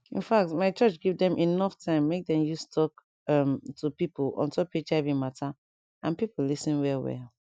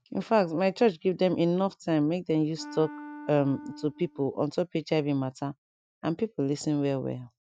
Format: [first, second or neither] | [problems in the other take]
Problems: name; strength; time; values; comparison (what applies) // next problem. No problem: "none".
first | noise reduction (neural mask model RNNoise)